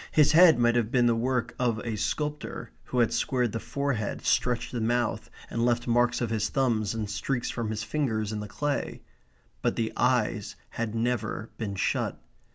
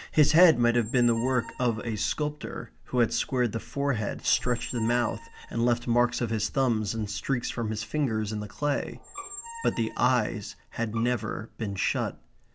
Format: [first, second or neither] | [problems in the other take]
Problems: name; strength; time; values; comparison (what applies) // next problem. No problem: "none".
first | background sound (Squeak + Bowed string instrument); 18 dB below the speech